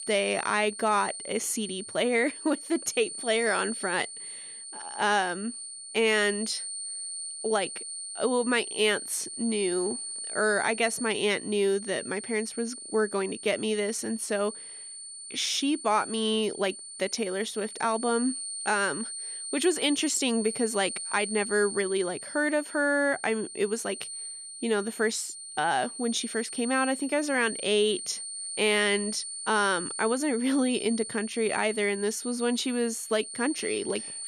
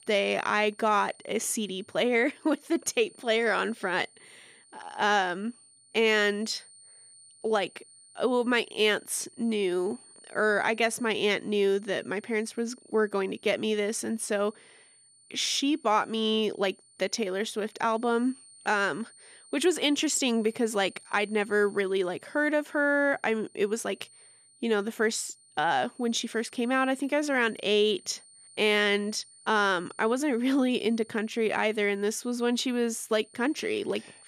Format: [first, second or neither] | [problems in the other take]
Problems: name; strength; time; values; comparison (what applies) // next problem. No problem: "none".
second | high-pitched whine; loud; throughout; 9 kHz, 8 dB below the speech; faint in the second